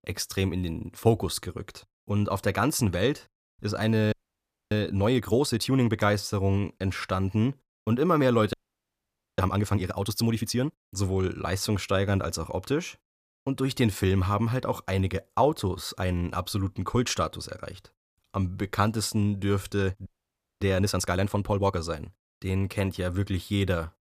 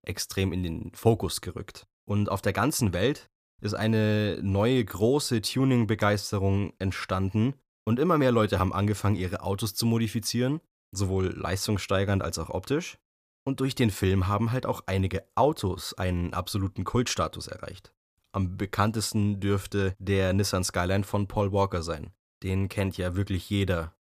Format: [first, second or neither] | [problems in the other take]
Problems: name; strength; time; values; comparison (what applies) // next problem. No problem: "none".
second | audio freezing; at 4 s for 0.5 s, at 8.5 s for 1 s and at 20 s for 0.5 s